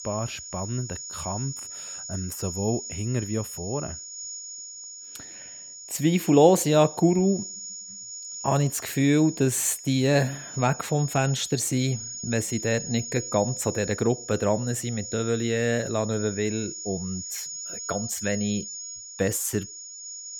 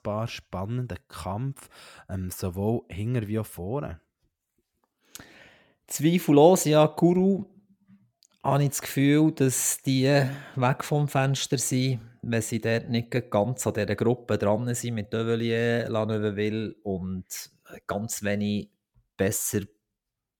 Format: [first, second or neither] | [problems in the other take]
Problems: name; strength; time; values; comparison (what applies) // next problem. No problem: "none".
second | high-pitched whine; loud; throughout; 7 kHz, 10 dB below the speech